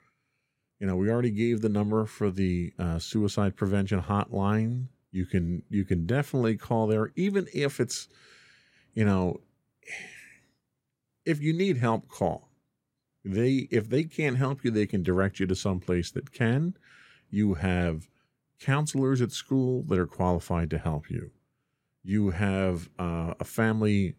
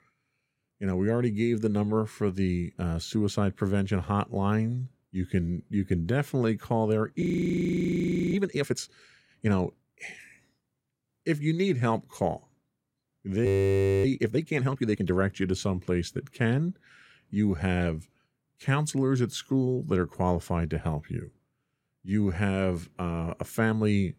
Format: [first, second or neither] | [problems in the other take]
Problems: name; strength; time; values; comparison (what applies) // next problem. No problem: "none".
first | audio freezing; at 7 s for 1 s and at 13 s for 0.5 s